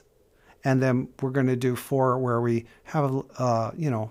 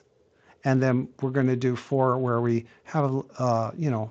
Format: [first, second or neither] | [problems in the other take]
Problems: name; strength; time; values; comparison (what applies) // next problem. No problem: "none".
first | garbled, watery; slightly